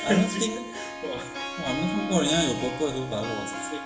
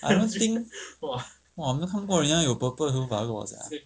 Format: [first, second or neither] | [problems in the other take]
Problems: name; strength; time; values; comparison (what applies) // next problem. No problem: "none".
second | background sound (Harp); 6 dB below the speech // room echo; dies away in 0.8 s